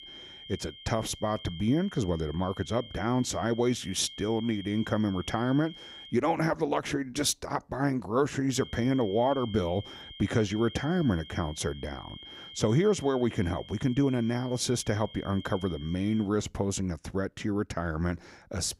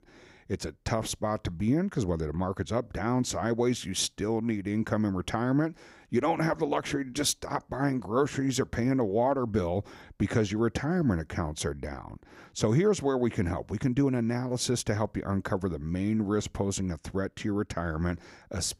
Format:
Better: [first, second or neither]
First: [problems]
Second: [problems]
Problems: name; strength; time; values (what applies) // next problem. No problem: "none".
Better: second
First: high-pitched whine; noticeable; until 6 s and from 8.5 to 16 s; 3 kHz, 15 dB below the speech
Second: none